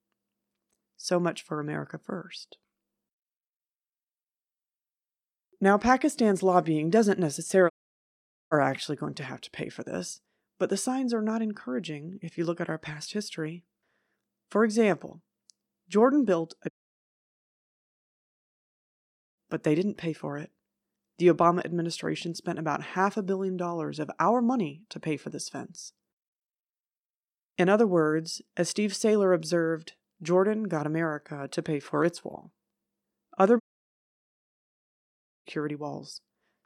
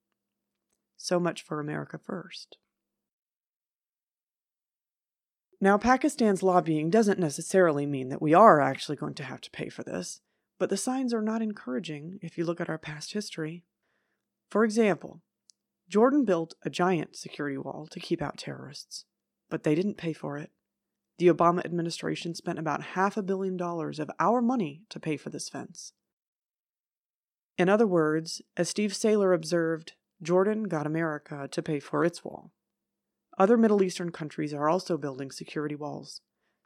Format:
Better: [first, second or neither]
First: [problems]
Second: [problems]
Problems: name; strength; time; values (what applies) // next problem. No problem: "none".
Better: second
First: audio cutting out; at 7.5 s for 1 s, at 17 s for 2.5 s and at 34 s for 2 s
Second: none